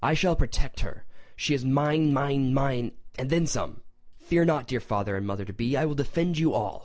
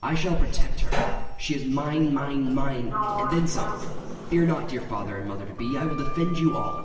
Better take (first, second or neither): first